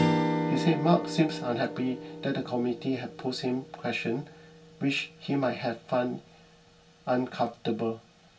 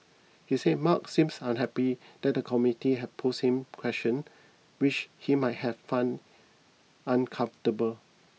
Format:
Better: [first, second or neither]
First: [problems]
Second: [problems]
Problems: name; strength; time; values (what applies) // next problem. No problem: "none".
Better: second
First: background sound (Strum); 5 dB below the speech // room echo; dies away in 0.2 s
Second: none